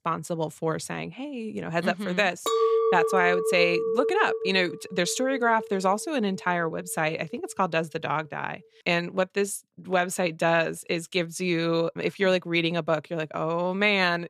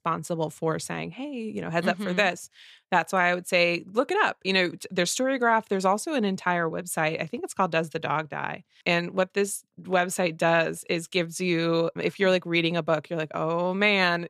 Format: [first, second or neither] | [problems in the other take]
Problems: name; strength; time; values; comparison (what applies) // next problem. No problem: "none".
second | clattering dishes; loud; from 2.5 to 6 s; peak 4 dB above the speech